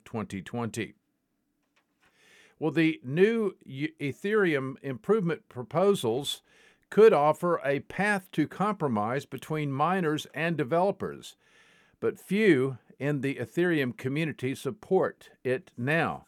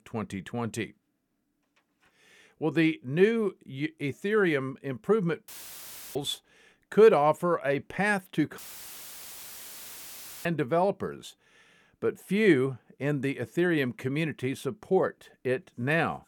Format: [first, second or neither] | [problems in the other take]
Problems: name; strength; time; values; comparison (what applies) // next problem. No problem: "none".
first | audio cutting out; filled with static; at 5.5 s for 0.5 s and at 8.5 s for 2 s